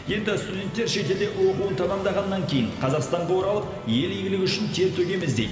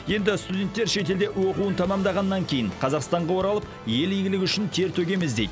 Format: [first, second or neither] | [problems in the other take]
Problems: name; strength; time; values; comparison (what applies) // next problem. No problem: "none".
second | room echo; dies away in 2.1 s